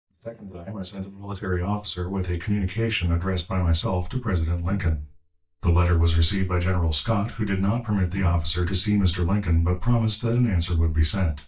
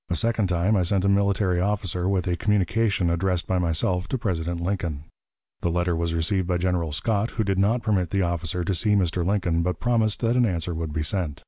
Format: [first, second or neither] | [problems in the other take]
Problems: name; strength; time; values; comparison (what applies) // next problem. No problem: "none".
second | noise reduction (neural mask model DeepFilterNet 3)